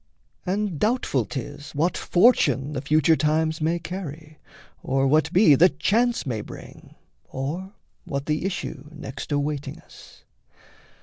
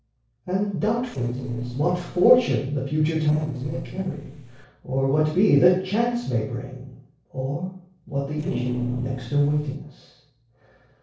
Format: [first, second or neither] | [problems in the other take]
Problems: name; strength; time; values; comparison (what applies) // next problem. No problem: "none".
first | noise reduction (neural separator model SepFormer DNS4)